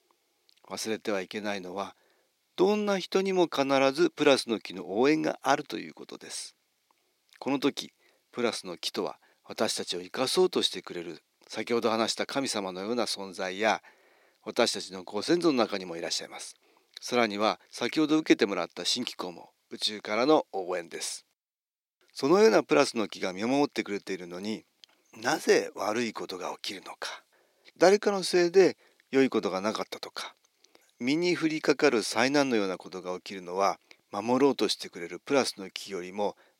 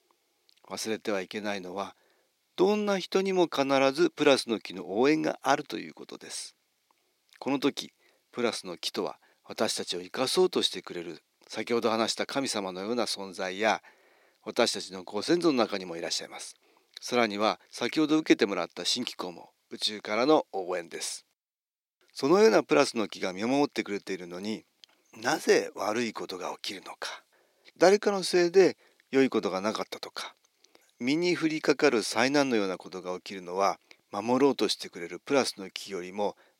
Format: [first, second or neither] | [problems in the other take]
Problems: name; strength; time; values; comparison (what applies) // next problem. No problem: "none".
neither | thin; somewhat; fading below 400 Hz; the same in both